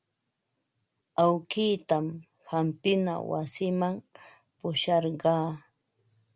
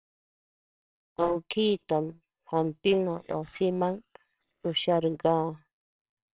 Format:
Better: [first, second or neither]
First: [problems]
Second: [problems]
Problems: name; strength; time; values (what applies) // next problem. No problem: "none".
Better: first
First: none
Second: noise reduction (neural separator model SepFormer WHAMR!)